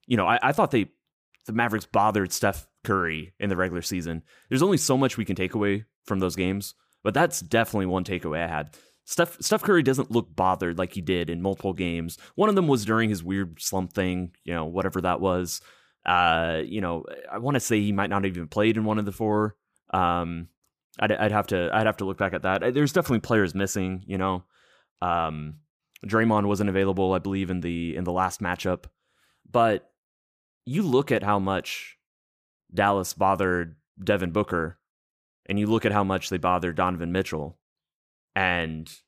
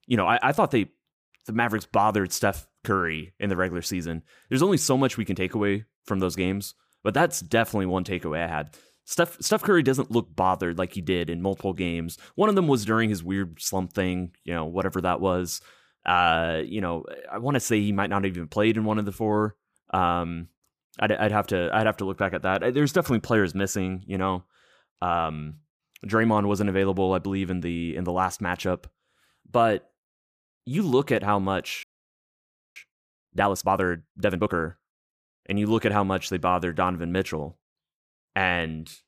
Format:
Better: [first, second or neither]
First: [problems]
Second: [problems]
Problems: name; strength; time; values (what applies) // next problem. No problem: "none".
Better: first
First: none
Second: audio freezing; at 32 s for 1 s